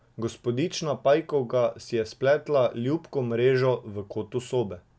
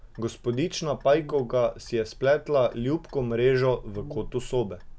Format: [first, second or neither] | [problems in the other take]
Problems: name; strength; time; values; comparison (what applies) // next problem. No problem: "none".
first | background sound (Clock + Brass instrument); 16 dB below the speech